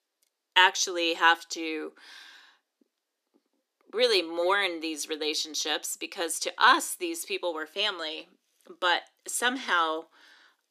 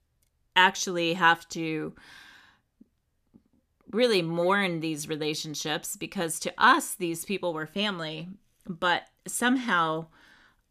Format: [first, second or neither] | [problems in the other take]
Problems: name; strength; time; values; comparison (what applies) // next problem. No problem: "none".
second | thin; somewhat; fading below 300 Hz